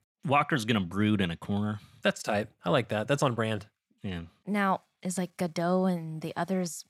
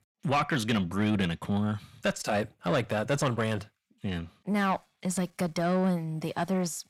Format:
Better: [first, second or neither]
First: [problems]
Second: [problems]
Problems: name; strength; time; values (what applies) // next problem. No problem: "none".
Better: first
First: none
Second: distortion; slight; 10 dB below the speech